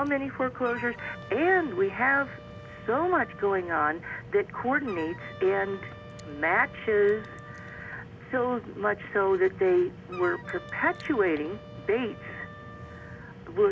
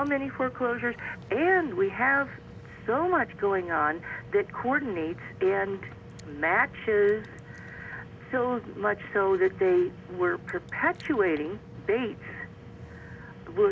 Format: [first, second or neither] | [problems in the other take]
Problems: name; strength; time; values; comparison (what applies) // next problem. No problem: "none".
second | background sound (Wind instrument, woodwind instrument); 19 dB below the speech